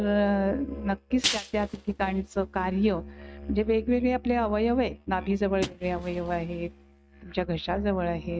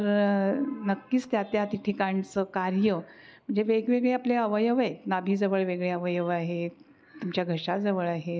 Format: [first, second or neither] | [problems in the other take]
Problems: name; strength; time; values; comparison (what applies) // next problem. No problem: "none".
second | noise reduction (neural mask model RNNoise)